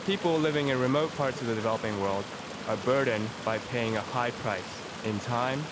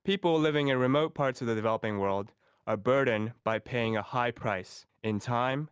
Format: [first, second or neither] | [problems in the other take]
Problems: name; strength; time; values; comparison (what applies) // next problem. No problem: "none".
second | background sound (Stream); 10 dB below the speech